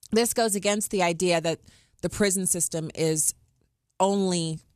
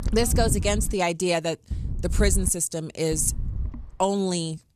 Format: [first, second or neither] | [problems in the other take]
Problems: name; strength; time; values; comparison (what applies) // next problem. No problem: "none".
first | wind noise on the microphone; occasional gusts; at the start, at 1.5 s and at 3 s; 15 dB below the speech